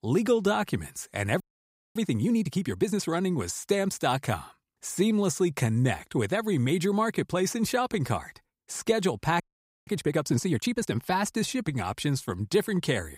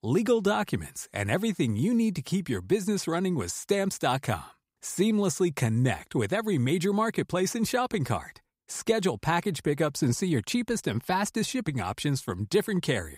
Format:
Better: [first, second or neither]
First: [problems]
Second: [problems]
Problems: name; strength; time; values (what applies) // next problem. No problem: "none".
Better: second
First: audio freezing; at 1.5 s for 0.5 s and at 9.5 s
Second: none